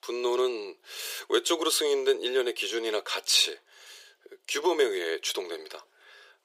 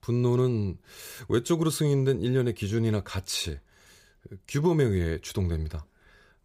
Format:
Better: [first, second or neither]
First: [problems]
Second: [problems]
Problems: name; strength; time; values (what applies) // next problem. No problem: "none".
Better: second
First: thin; very; fading below 400 Hz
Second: none